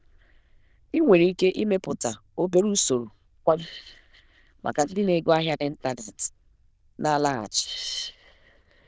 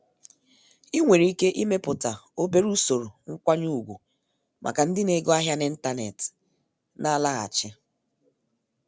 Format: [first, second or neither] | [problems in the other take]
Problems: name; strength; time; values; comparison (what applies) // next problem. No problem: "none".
second | noise reduction (neural diffusion model UNIVERSE++)